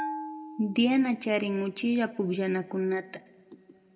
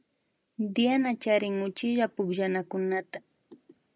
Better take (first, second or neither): second